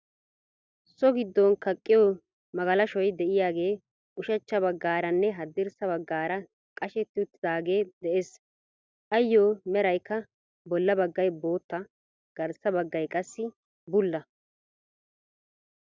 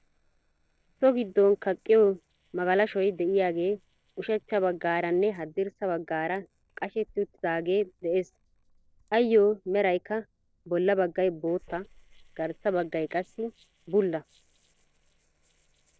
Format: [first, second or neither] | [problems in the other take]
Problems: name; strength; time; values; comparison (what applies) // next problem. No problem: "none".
first | noise reduction (neural separator model SepFormer DNS4)